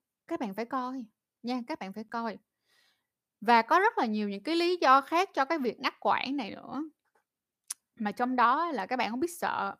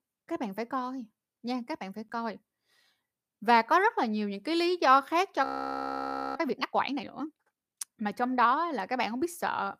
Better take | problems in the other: first | audio freezing; at 5.5 s for 1 s

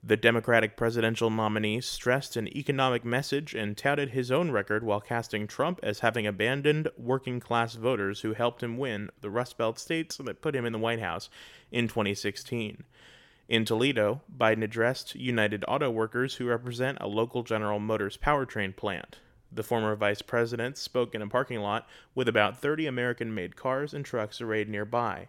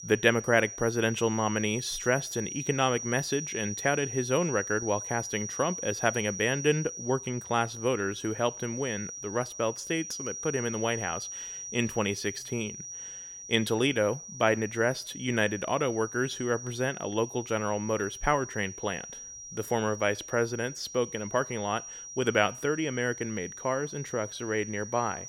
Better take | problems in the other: first | high-pitched whine; loud; throughout; 6 kHz, 9 dB below the speech

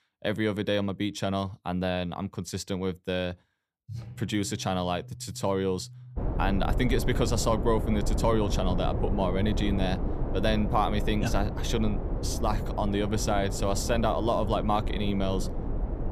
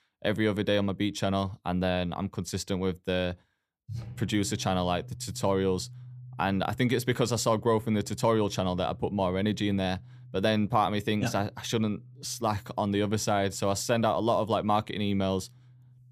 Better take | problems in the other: second | wind noise on the microphone; heavy; from 6 s on; 9 dB below the speech

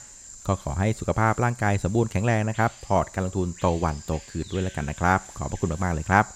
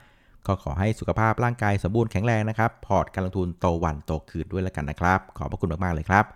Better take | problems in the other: second | animal sounds; noticeable; throughout; 15 dB below the speech

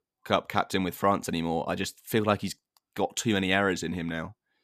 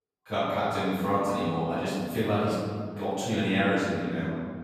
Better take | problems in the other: first | off-mic speech; far // room echo; strong; dies away in 2.2 s

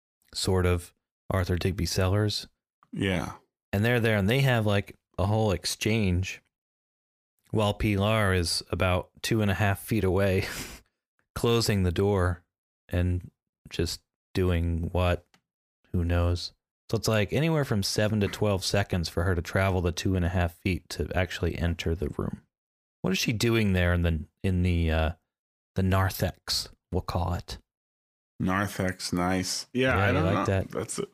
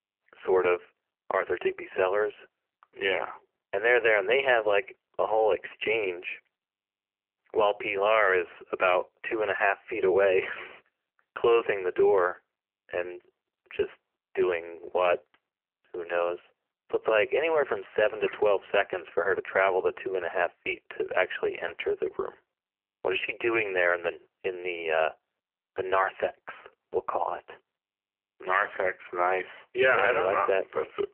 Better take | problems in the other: first | phone-call audio; poor line; nothing above 3 kHz

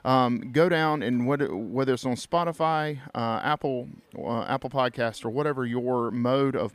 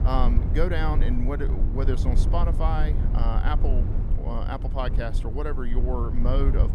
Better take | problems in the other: first | low rumble; loud; throughout; 9 dB below the speech

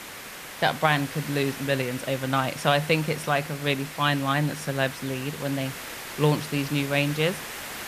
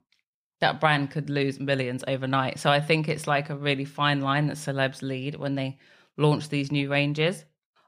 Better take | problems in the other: second | hiss; noticeable; throughout; 10 dB below the speech

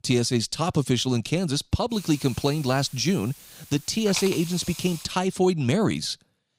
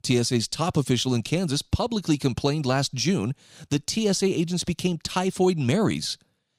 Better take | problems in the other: second | hiss; noticeable; from 2 to 5 s; 15 dB below the speech

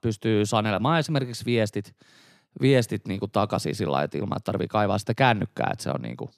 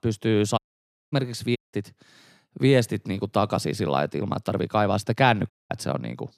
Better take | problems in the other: first | audio cutting out; at 0.5 s for 0.5 s, at 1.5 s and at 5.5 s

